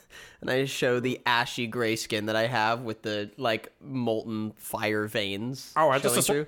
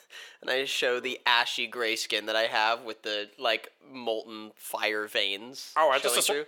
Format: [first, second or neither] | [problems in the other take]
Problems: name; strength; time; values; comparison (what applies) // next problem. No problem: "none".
first | thin; somewhat; fading below 500 Hz